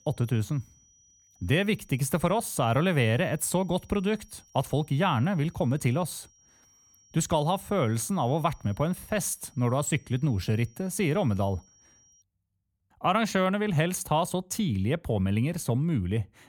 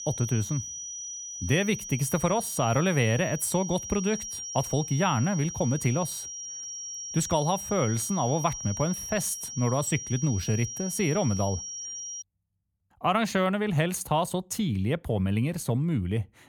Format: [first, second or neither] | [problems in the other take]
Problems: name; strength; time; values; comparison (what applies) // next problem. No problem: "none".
first | high-pitched whine; loud; until 12 s; 5.5 kHz, 7 dB below the speech; faint in the first